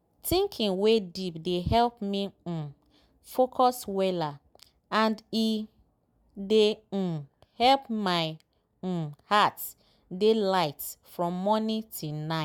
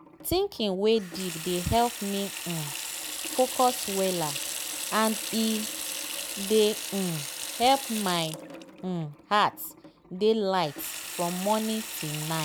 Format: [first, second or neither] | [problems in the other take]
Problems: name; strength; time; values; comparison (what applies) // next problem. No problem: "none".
first | background sound (Sink (filling or washing) / Water tap, faucet); 8 dB below the speech